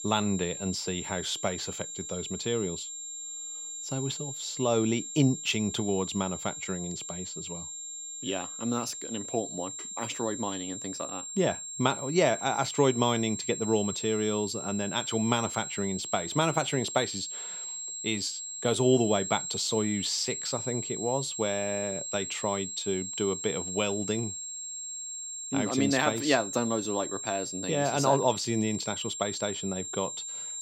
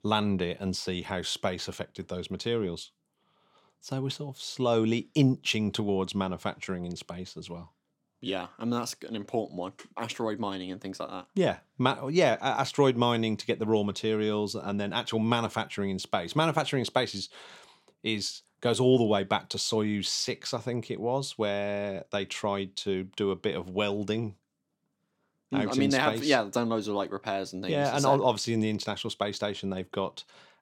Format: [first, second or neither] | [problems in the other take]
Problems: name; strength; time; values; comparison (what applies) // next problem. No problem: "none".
second | high-pitched whine; loud; throughout; 7.5 kHz, 5 dB below the speech